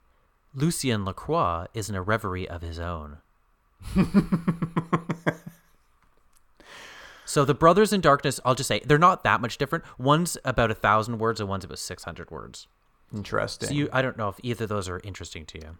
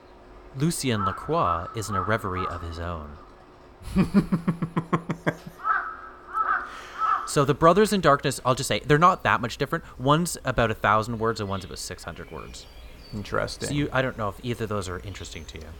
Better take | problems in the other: first | animal sounds; loud; throughout; 5 dB below the speech

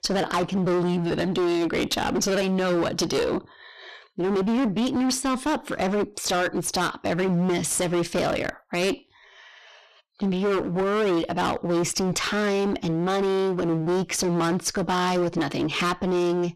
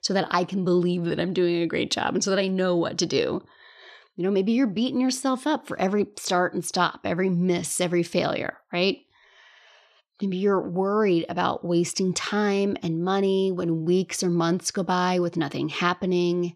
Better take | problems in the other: second | distortion; heavy; 27% of the sound clipped

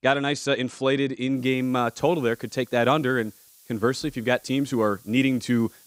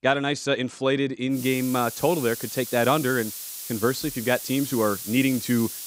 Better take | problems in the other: first | hiss; loud; from 1.5 s on; 8 dB below the speech; faint in the first

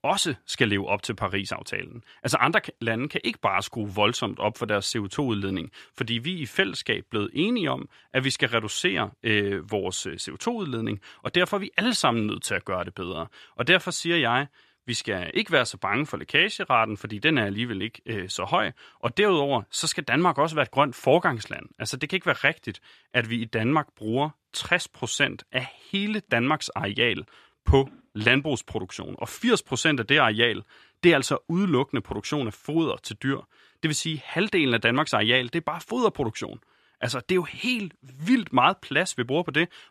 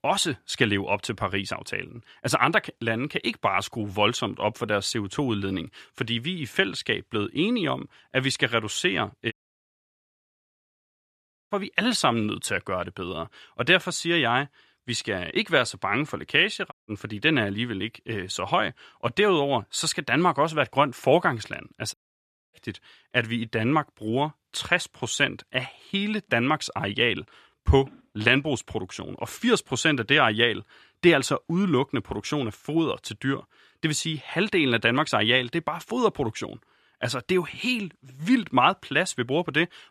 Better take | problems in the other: first | audio cutting out; at 9.5 s for 2 s, at 17 s and at 22 s for 0.5 s

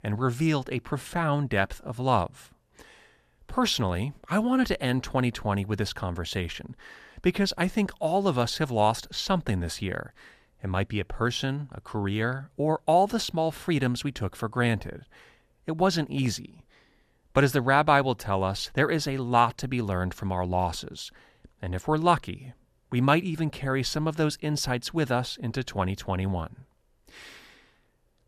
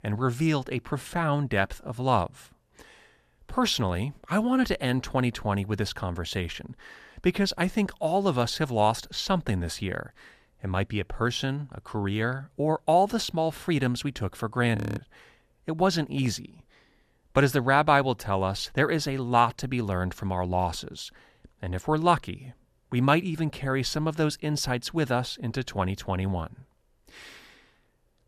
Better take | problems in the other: first | audio freezing; at 15 s

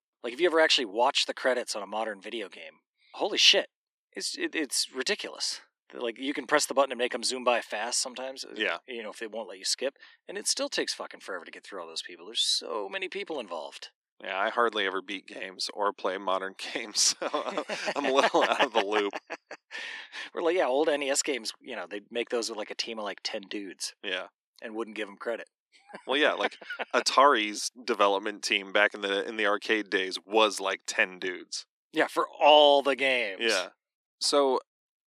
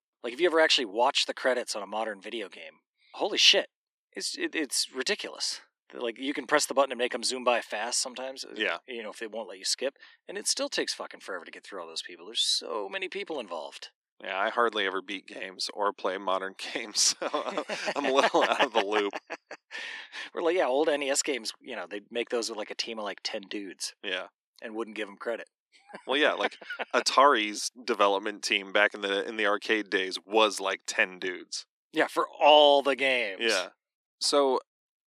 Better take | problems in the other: neither | thin; somewhat; fading below 250 Hz; the same in both

